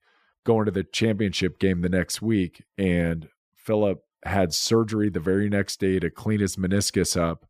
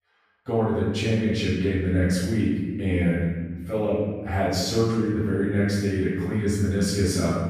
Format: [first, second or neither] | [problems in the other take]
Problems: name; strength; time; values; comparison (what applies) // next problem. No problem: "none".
first | off-mic speech; far // room echo; strong; dies away in 1.5 s